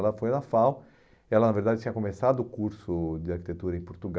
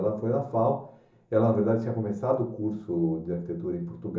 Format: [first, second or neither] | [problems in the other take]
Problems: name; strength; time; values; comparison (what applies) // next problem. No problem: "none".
first | room echo; dies away in 0.8 s